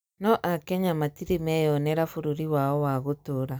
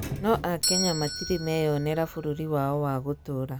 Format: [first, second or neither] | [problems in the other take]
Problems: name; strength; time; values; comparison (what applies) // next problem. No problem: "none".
first | background sound (Doorbell); 7 dB below the speech